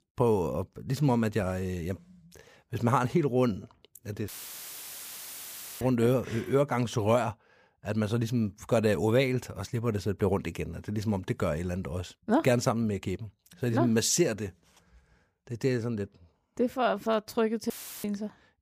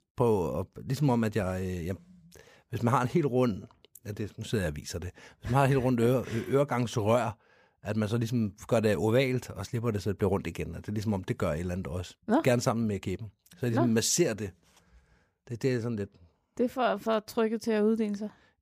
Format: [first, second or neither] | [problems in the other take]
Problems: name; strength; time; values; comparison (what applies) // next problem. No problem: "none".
second | audio cutting out; filled with static; at 4.5 s for 1.5 s and at 18 s